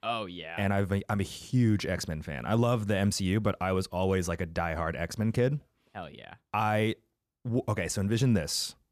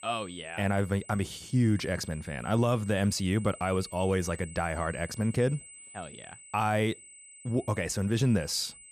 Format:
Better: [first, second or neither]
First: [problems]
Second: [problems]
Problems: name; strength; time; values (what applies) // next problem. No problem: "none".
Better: first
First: none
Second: high-pitched whine; noticeable; throughout; 8 kHz, 20 dB below the speech